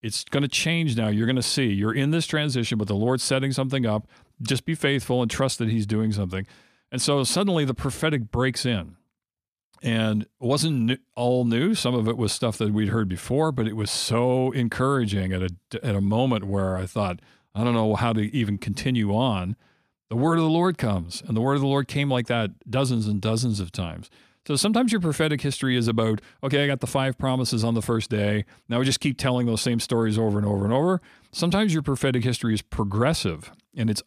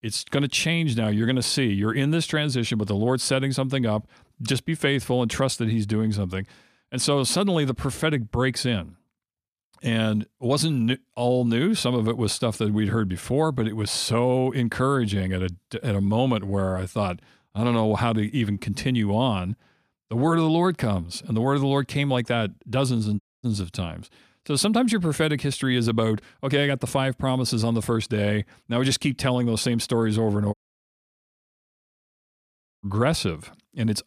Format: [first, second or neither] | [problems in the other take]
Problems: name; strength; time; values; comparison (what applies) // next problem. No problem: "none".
first | audio cutting out; at 23 s and at 31 s for 2.5 s